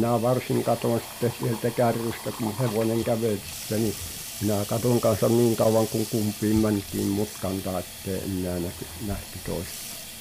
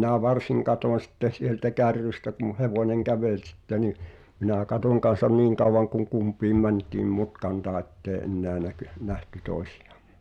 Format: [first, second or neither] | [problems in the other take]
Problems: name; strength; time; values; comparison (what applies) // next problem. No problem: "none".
second | background sound (Sink (filling or washing) / Water tap, faucet); 12 dB below the speech